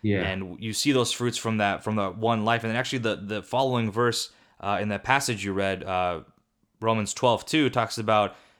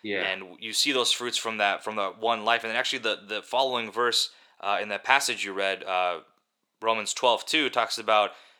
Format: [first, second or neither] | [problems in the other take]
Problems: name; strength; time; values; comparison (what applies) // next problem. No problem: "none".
first | thin; somewhat; fading below 450 Hz